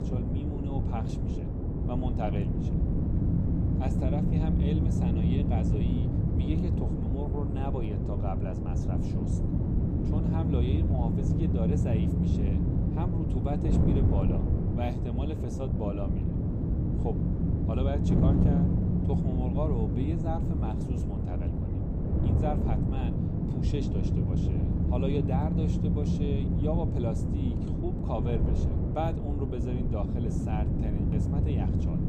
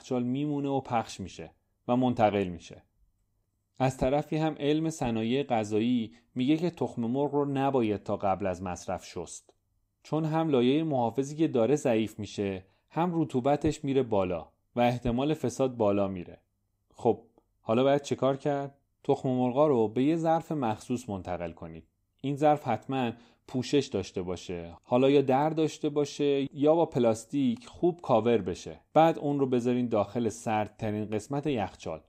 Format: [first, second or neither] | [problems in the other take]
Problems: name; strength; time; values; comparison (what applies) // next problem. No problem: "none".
second | wind noise on the microphone; heavy; 1 dB above the speech